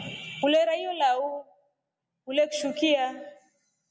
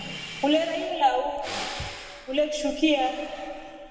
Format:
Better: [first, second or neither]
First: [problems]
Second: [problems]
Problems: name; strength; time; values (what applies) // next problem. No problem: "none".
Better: first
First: none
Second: background sound (Breathing); 13 dB below the speech // room echo; dies away in 2.3 s